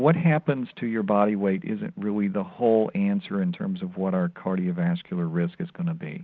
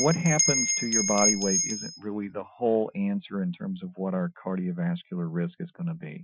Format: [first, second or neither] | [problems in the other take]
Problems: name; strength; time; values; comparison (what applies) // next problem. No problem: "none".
first | noise reduction (classical method Wiener filter)